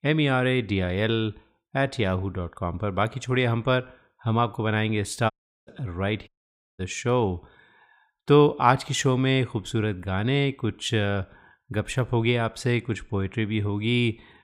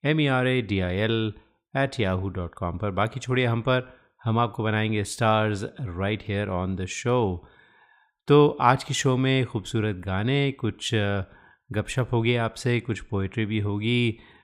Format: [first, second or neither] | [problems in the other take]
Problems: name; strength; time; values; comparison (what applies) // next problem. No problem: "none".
second | audio cutting out; at 5.5 s and at 6.5 s for 0.5 s